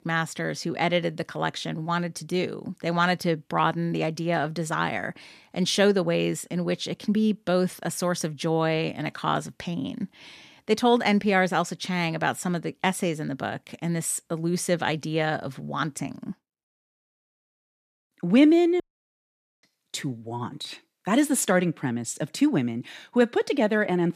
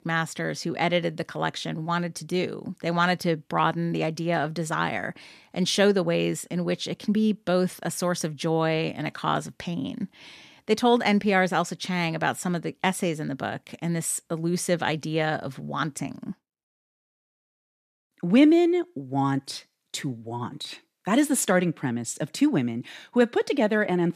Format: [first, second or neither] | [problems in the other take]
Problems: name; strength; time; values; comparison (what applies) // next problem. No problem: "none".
second | audio cutting out; at 19 s for 1 s